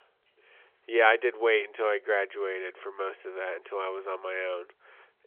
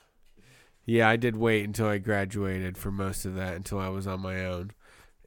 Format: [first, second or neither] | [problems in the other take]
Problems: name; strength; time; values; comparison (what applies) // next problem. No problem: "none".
second | phone-call audio; nothing above 3.5 kHz